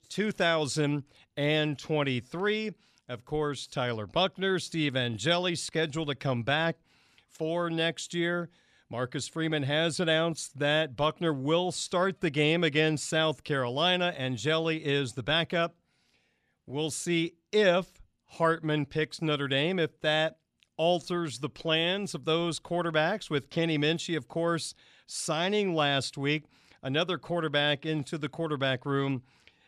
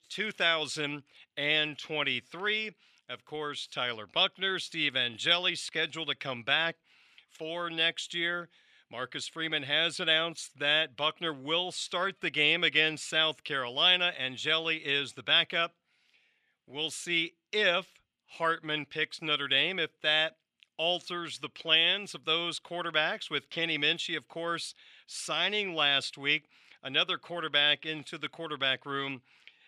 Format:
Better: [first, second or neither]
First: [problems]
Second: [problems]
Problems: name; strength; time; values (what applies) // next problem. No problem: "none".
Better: first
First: none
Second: thin; somewhat; fading below 700 Hz